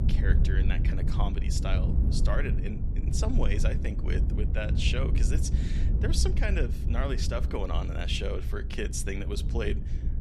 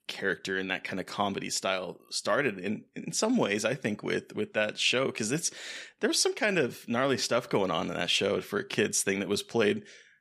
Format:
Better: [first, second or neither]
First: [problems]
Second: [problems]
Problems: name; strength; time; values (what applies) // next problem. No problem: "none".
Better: second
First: low rumble; loud; throughout; 8 dB below the speech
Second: none